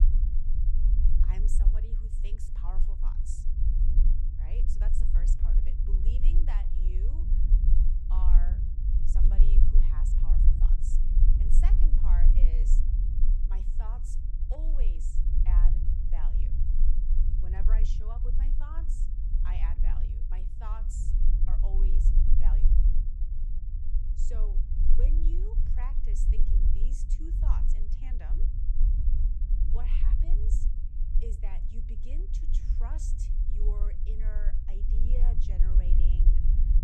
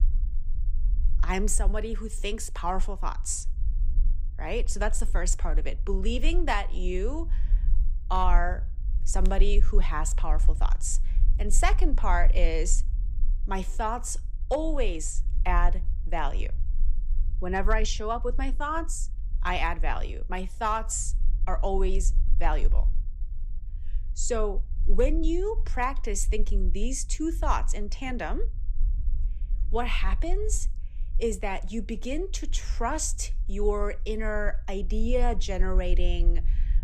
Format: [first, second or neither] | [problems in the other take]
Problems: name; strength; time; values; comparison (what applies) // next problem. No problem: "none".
second | low rumble; loud; throughout; 1 dB below the speech; faint in the second